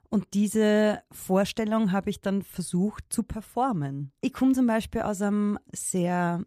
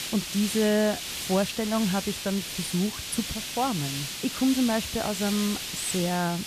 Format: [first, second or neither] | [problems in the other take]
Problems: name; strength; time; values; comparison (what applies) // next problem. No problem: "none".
first | hiss; loud; throughout; 4 dB below the speech